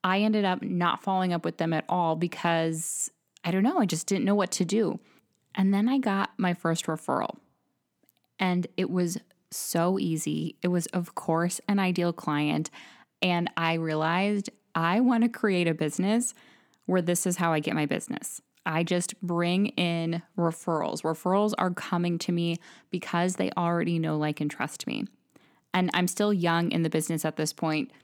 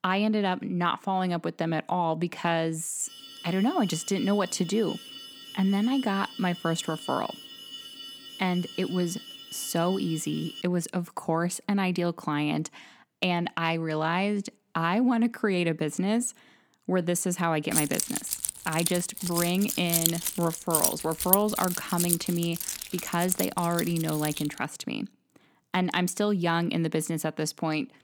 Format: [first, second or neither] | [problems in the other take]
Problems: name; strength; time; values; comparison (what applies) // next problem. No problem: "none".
first | alarm; faint; from 3 to 11 s; peak 10 dB below the speech // jangling keys; loud; from 18 to 24 s; peak 4 dB above the speech